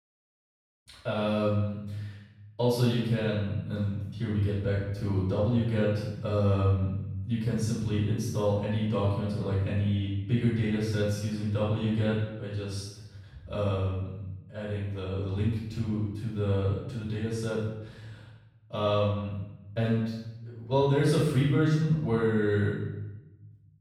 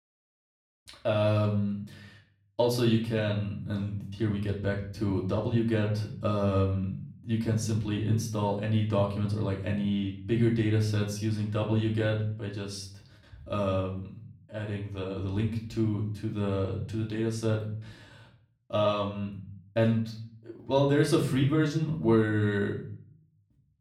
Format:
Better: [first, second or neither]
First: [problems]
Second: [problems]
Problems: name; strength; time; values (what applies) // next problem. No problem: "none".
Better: second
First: room echo; strong; dies away in 0.9 s // off-mic speech; far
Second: room echo; slight; dies away in 0.5 s // off-mic speech; far